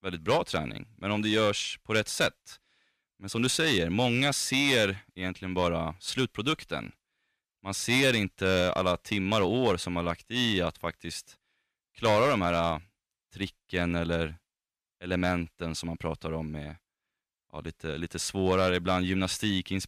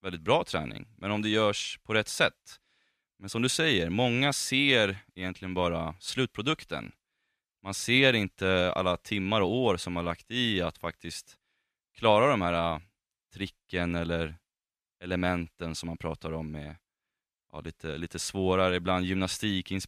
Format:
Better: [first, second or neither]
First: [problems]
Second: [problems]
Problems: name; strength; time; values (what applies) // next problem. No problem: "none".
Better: second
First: distortion; slight; 3% of the sound clipped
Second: none